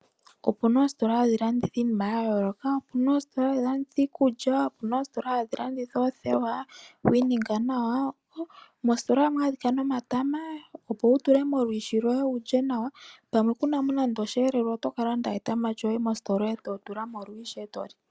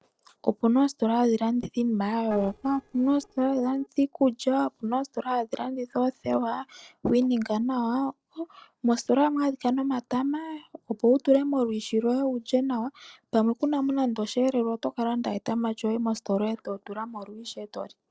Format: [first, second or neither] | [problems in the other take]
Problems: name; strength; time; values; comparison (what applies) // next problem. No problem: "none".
first | noise reduction (neural separator model SepFormer DNS4)